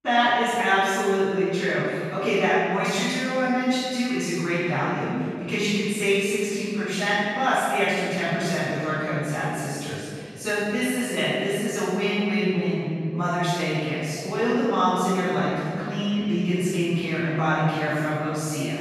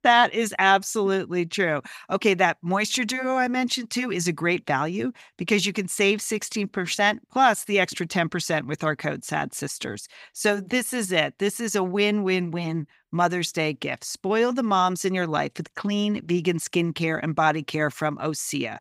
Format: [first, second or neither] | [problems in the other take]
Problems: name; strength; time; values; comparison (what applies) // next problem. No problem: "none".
second | room echo; strong; dies away in 2.2 s // off-mic speech; far